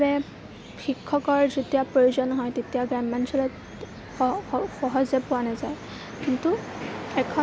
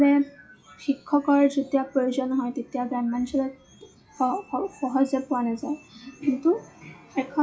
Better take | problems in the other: first | noise reduction (classical method WPE with log-MMSE)

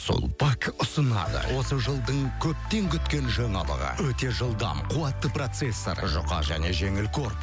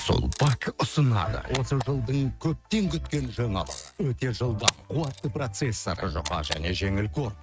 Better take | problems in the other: first | noise reduction (neural mask model RNNoise)

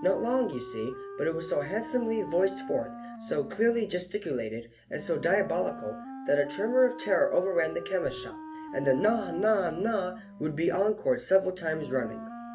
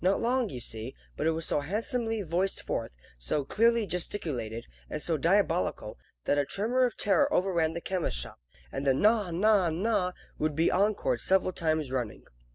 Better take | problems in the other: second | background sound (Wind instrument, woodwind instrument); 13 dB below the speech // room echo; dies away in 0.3 s

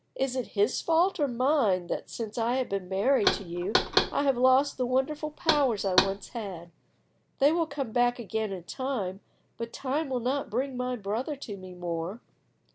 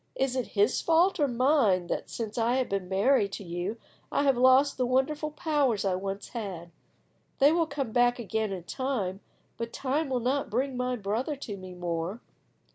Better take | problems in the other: second | background sound (Knock); 3 dB below the speech

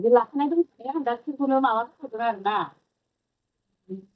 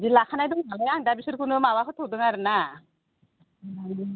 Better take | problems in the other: second | noise reduction (neural mask model DeepFilterNet 3)

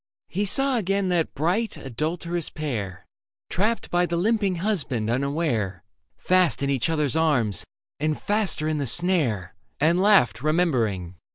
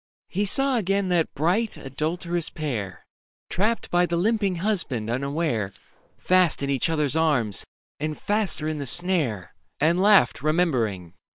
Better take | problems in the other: first | noise reduction (neural separator model SepFormer WHAM!)

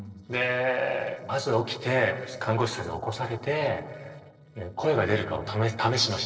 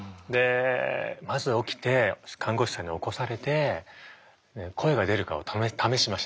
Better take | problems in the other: second | noise reduction (neural separator model SepFormer DNS4)

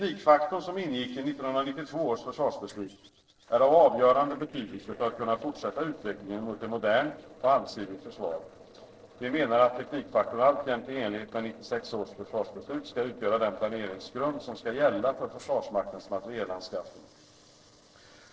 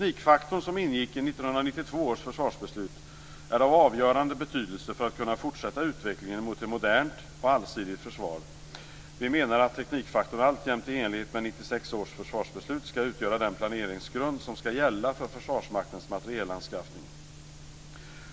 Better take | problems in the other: second | noise reduction (neural separator model SepFormer DNS4)

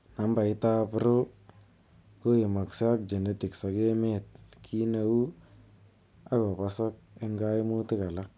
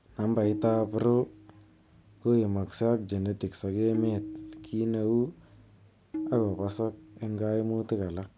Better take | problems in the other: first | background sound (Tabla); 12 dB below the speech

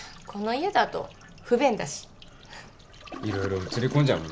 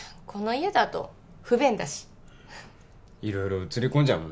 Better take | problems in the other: second | background sound (Toilet flush); 15 dB below the speech

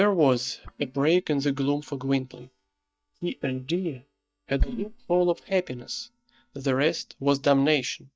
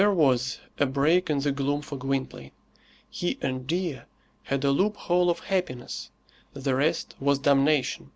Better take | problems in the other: second | noise reduction (neural mask model DeepFilterNet 3)

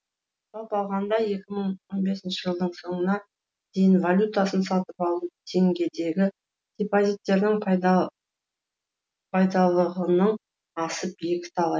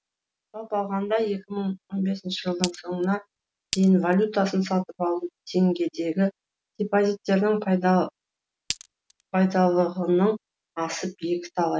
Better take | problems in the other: first | background sound (Glass); 13 dB below the speech

